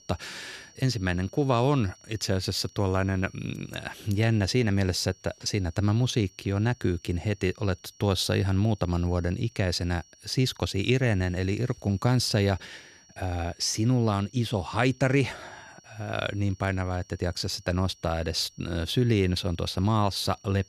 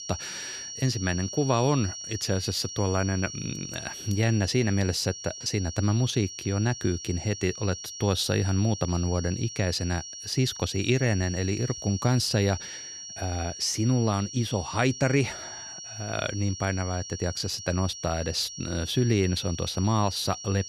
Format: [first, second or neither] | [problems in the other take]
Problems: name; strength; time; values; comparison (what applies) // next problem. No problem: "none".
first | high-pitched whine; loud; throughout; 5.5 kHz, 9 dB below the speech; faint in the first